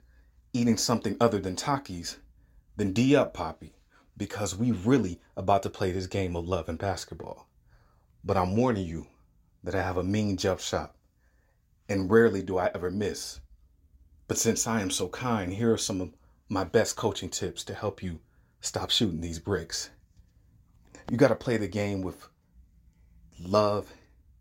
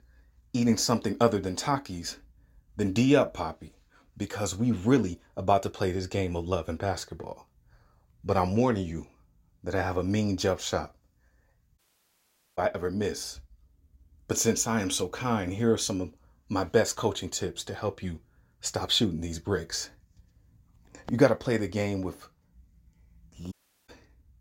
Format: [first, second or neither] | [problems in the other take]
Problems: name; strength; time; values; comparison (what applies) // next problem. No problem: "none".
first | audio cutting out; at 12 s for 1 s and at 24 s